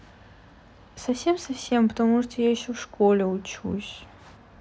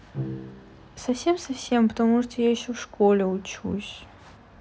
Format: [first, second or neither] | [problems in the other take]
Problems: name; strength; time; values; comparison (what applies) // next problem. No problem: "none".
first | background sound (Bowed string instrument); 15 dB below the speech